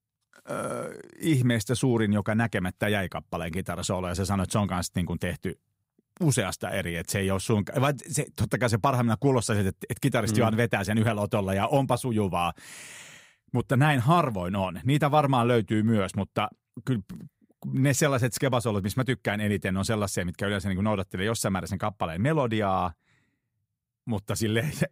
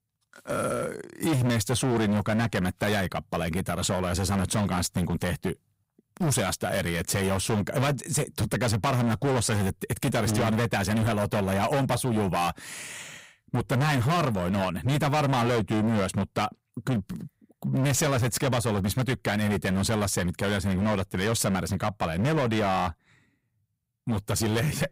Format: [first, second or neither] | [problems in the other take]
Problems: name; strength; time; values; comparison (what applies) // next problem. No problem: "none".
first | distortion; heavy; 22% of the sound clipped